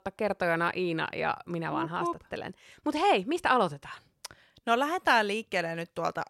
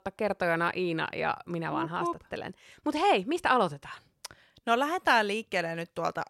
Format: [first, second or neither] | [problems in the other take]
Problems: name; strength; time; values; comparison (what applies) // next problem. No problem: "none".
neither | none